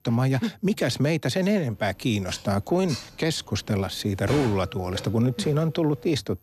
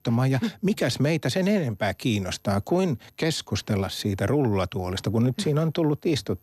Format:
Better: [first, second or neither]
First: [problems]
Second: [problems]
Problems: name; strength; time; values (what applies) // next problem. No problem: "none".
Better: second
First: clattering dishes; noticeable; from 2.5 s on; peak 7 dB below the speech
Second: none